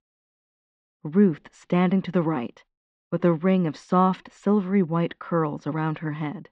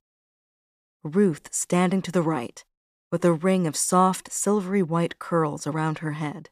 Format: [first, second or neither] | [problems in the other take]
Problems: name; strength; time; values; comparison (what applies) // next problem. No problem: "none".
second | muffled; very; fading above 3.5 kHz